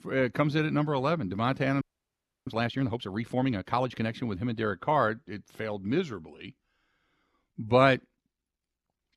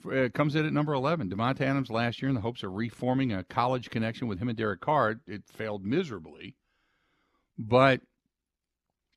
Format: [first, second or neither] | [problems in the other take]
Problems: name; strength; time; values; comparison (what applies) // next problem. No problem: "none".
second | audio freezing; at 2 s for 0.5 s